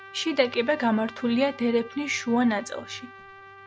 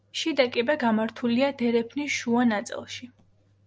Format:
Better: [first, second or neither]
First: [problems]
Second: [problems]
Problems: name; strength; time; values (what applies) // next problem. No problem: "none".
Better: second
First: background sound (Trumpet); 19 dB below the speech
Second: none